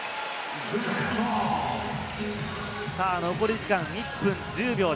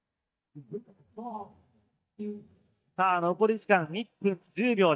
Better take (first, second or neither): first